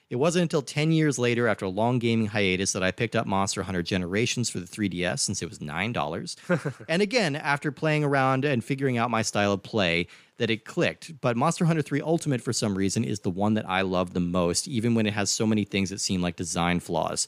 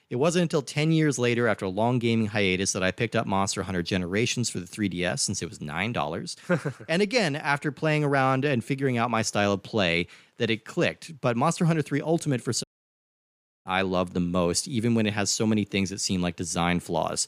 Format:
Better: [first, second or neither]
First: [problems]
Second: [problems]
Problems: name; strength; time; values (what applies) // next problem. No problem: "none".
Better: first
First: none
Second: audio cutting out; at 13 s for 1 s